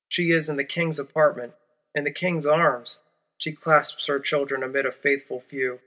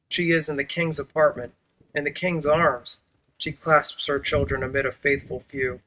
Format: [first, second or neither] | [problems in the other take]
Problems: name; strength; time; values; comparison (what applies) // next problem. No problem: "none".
first | noise reduction (neural mask model RNNoise)